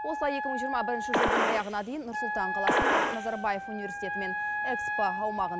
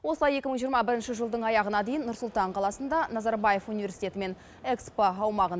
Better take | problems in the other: second | background sound (Wind instrument, woodwind instrument + Gunshot, gunfire); 3 dB above the speech

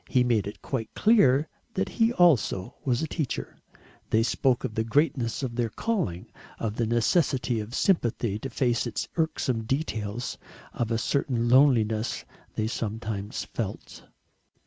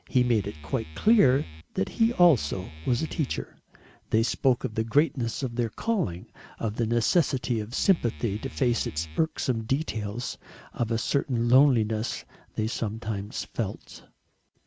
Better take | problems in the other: first | background sound (Musical instrument); 16 dB below the speech

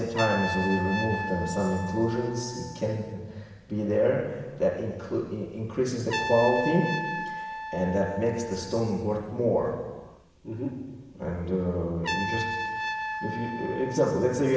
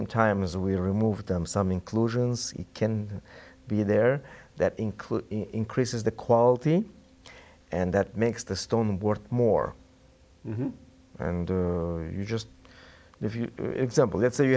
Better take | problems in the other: second | background sound (Trumpet); 8 dB below the speech // room echo; dies away in 1.2 s

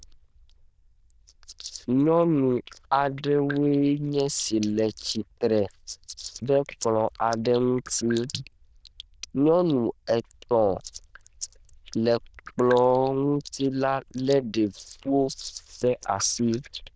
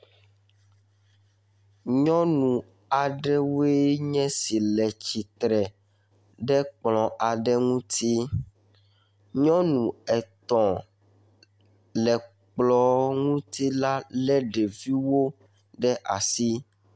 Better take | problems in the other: second | noise reduction (neural diffusion model UNIVERSE++)

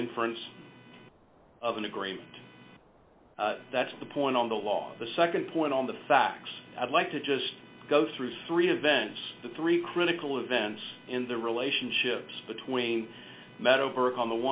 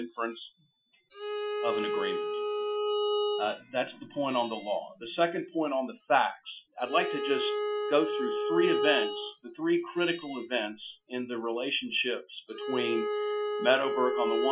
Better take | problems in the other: first | noise reduction (classical method Wiener filter)

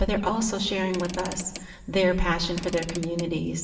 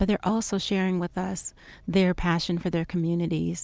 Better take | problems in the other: second | background sound (Mechanisms / Car); 15 dB below the speech // room echo; dies away in 1.1 s

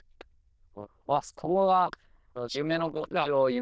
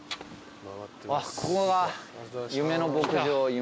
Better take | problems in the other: second | noise reduction (neural diffusion model UNIVERSE++)

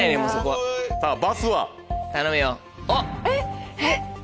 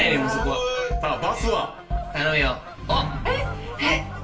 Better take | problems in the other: first | background sound (Bird vocalization, bird call, bird song / Fowl); 16 dB below the speech // room echo; dies away in 0.3 s

